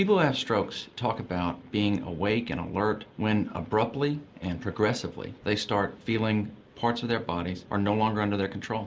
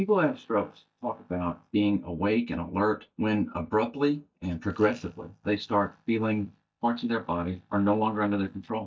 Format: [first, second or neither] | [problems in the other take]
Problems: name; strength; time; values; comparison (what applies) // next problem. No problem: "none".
first | noise reduction (neural mask model DeepFilterNet 3)